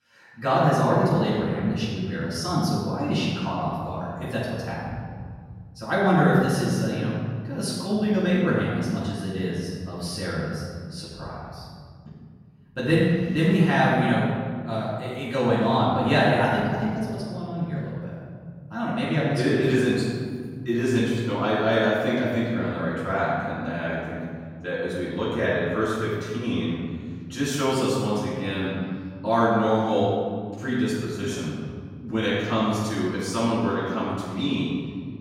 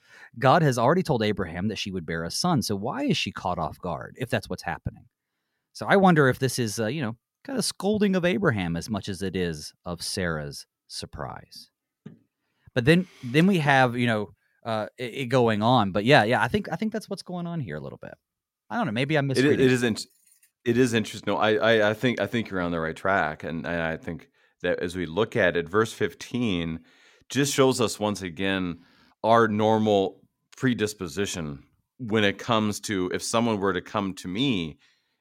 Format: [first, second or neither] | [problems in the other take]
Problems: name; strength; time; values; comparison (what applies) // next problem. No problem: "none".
second | off-mic speech; far // room echo; strong; dies away in 2.4 s